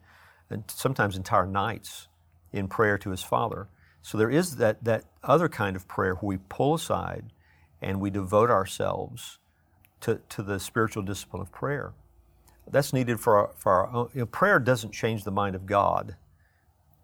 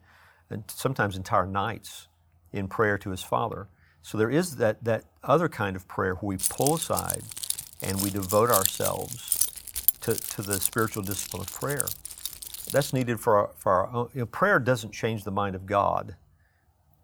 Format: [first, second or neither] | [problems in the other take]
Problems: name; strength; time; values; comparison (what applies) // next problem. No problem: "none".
first | jangling keys; loud; from 6.5 to 13 s; peak 4 dB above the speech